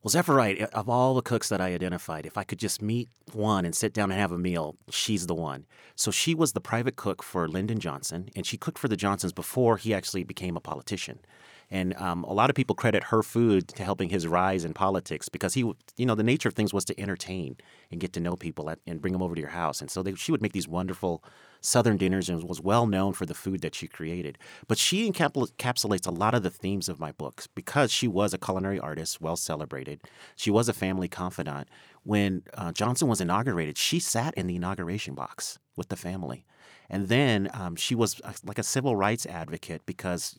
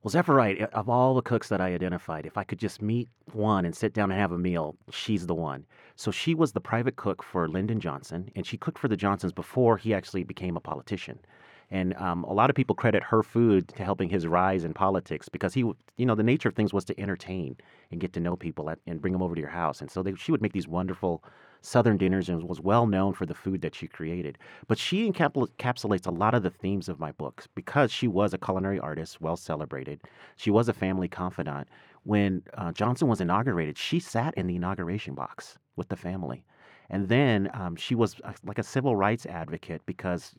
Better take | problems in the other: first | muffled; slightly; fading above 4 kHz

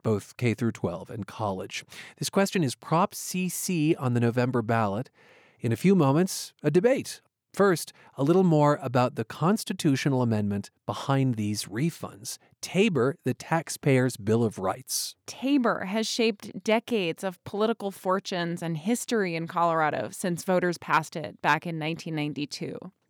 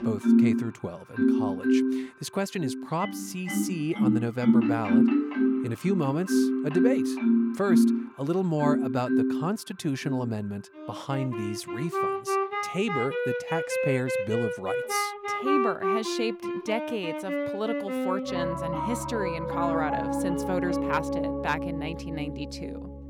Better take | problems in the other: first | background music; very loud; throughout; 4 dB above the speech

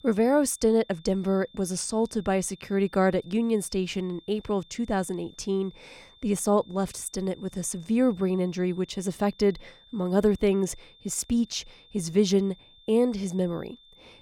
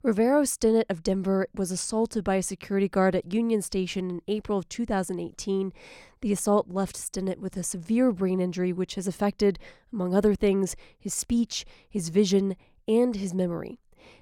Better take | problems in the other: second | high-pitched whine; faint; throughout; 3.5 kHz, 25 dB below the speech

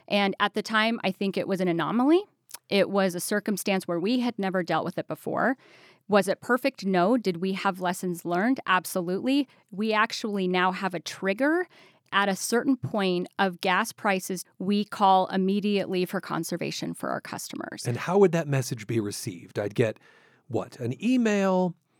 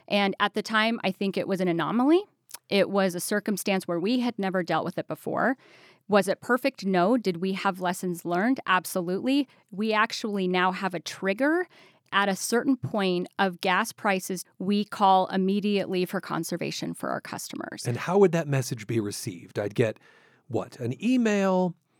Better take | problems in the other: neither | none

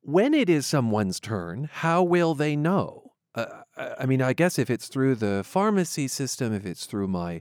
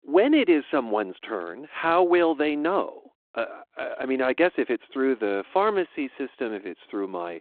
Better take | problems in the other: first | phone-call audio

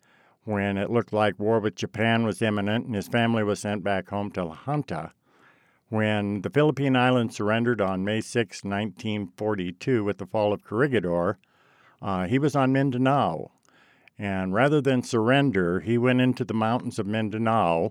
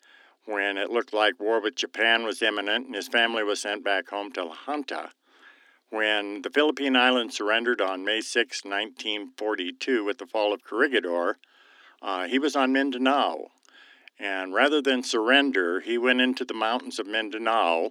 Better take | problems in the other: first | thin; very slightly; fading below 250 Hz

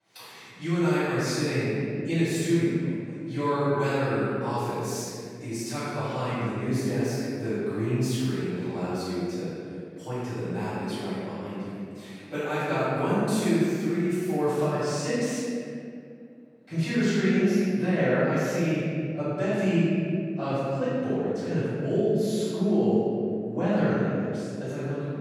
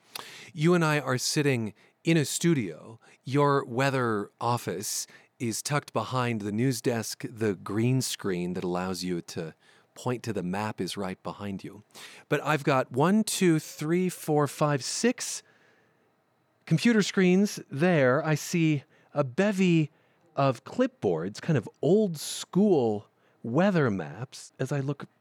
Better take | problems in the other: second | off-mic speech; far // room echo; strong; dies away in 2.3 s

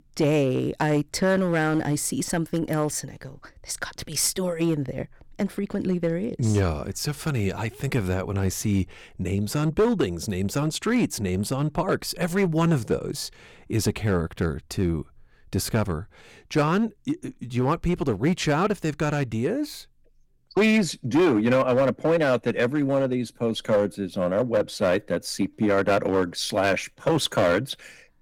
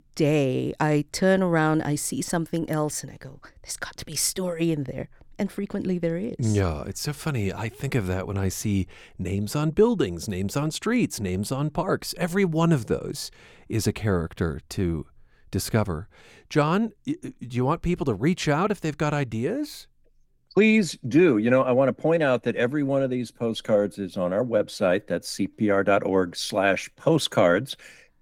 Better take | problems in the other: second | distortion; slight; 5% of the sound clipped

